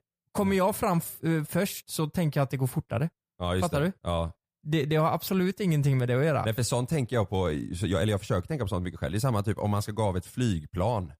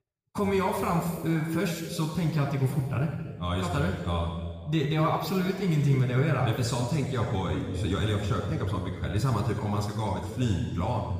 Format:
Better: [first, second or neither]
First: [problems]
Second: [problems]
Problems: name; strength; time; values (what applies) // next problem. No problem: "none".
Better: first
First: none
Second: room echo; noticeable; dies away in 1.5 s // off-mic speech; somewhat distant